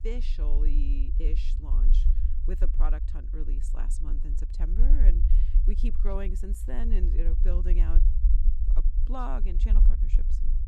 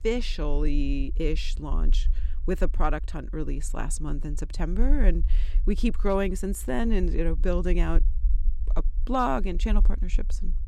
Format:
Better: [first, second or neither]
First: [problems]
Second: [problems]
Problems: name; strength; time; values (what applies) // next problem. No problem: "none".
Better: second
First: low rumble; loud; throughout; 7 dB below the speech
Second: low rumble; faint; throughout; 25 dB below the speech